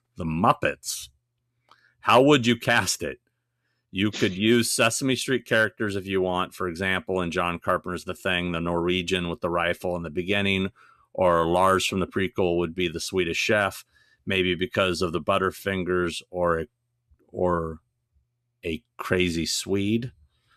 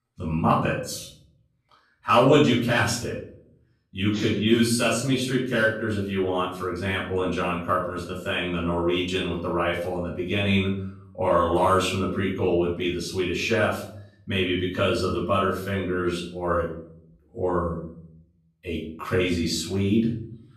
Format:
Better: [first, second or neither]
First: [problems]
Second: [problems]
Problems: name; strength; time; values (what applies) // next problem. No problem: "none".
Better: first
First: none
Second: off-mic speech; far // room echo; noticeable; dies away in 0.6 s